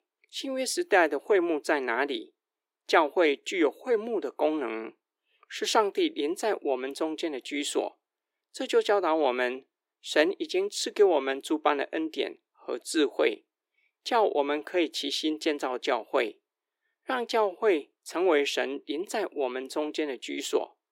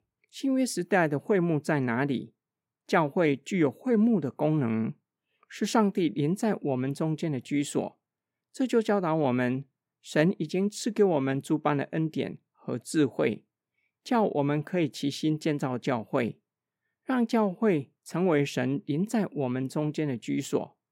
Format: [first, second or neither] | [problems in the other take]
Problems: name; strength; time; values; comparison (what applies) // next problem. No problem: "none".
second | thin; very; fading below 350 Hz